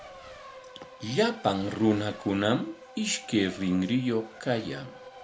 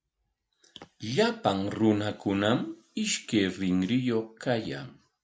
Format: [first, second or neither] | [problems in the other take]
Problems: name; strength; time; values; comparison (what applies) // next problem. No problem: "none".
second | background sound (Race car, auto racing); 18 dB below the speech